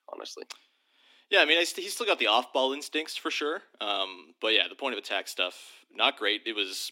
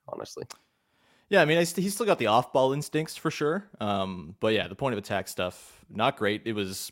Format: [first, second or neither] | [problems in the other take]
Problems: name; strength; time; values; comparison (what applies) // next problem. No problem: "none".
second | thin; somewhat; fading below 250 Hz